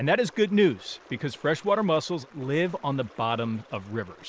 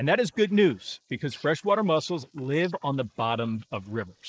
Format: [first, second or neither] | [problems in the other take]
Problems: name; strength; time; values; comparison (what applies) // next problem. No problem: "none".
first | noise reduction (neural mask model Resemble Enhance denoiser)